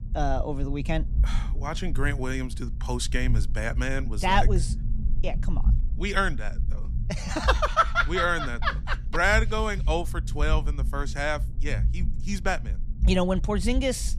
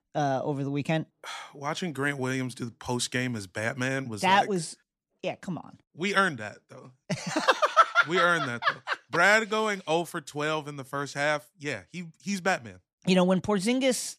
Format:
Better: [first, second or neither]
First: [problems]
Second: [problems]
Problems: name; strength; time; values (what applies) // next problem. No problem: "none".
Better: second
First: low rumble; faint; throughout; 20 dB below the speech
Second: none